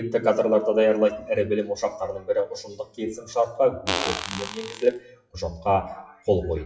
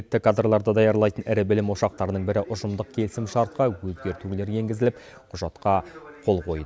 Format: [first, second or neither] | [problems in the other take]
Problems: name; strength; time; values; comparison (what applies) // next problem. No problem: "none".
second | noise reduction (classical method WPE with log-MMSE)